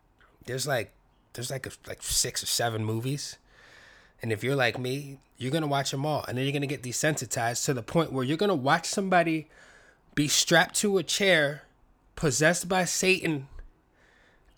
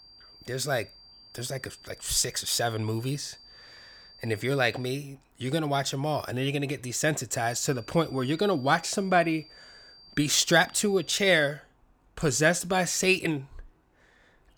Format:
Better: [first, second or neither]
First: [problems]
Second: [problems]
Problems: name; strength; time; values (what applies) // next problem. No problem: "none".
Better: first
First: none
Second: high-pitched whine; faint; until 5 s and from 7.5 to 11 s; 4.5 kHz, 25 dB below the speech